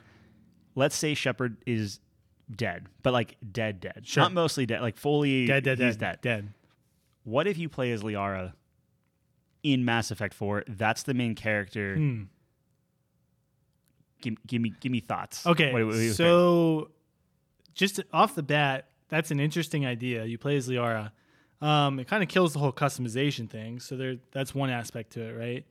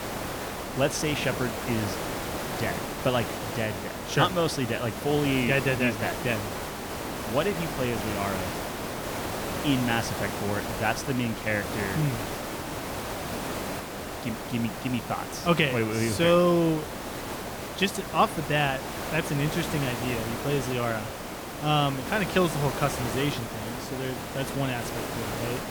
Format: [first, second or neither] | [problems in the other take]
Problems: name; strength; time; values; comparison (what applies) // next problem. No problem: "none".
first | hiss; loud; throughout; 5 dB below the speech